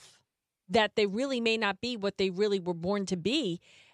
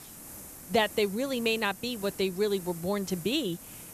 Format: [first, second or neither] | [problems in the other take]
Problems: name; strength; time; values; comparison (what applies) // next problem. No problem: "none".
first | hiss; noticeable; throughout; 15 dB below the speech